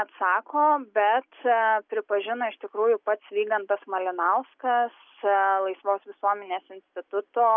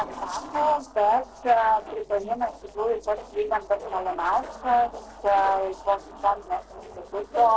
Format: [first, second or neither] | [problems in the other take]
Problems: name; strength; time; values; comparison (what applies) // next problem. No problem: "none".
first | noise reduction (neural separator model SepFormer DNS4)